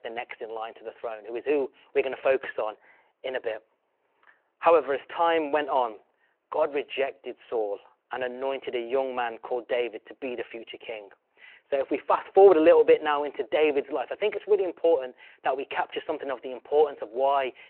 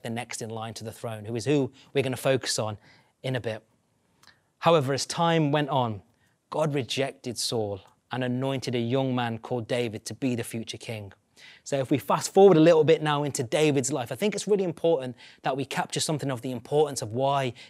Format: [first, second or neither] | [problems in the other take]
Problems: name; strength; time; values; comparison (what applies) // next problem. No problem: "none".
second | phone-call audio